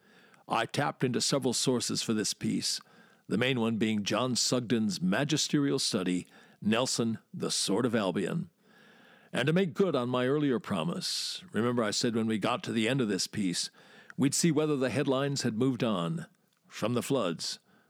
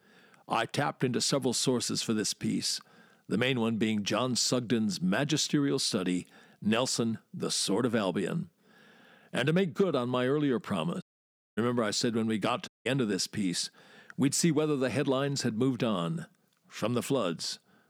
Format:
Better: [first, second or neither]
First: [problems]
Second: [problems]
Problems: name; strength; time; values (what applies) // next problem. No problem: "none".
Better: first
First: none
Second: audio cutting out; at 11 s for 0.5 s and at 13 s